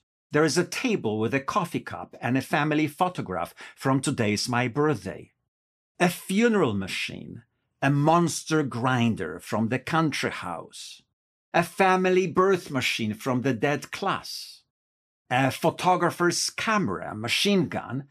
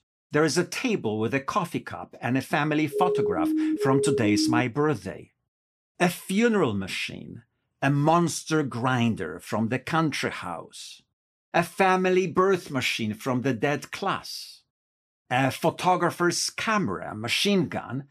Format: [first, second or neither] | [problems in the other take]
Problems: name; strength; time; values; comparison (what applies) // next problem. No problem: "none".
first | siren; loud; from 3 to 4.5 s; peak level with the speech